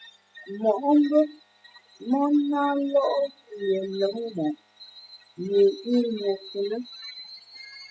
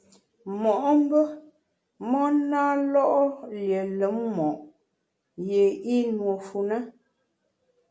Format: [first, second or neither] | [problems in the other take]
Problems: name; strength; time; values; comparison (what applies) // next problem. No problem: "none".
second | noise reduction (classical method spectral subtraction)